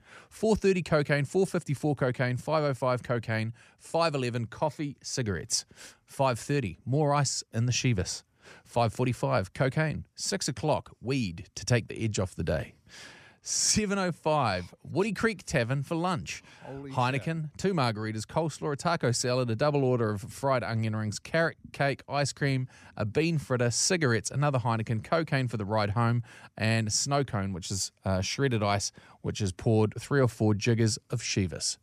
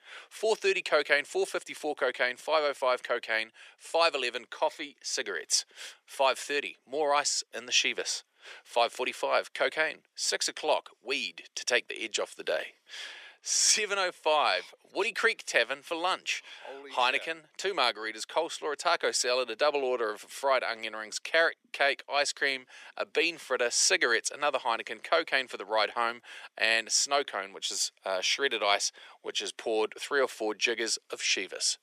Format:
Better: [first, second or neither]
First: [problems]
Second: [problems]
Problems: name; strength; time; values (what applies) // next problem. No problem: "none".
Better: first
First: none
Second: thin; very; fading below 400 Hz